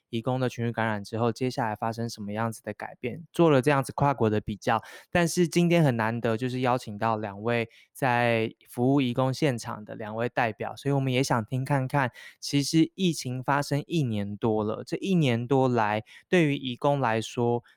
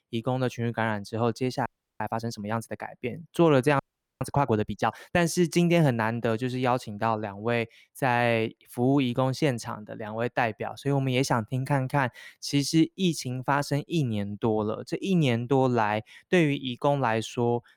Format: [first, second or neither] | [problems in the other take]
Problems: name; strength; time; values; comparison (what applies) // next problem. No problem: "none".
first | audio freezing; at 1.5 s and at 4 s